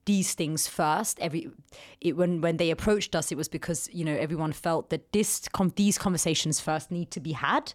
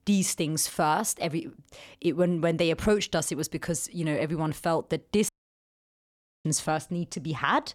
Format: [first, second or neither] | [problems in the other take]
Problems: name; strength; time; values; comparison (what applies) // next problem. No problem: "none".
first | audio cutting out; at 5.5 s for 1 s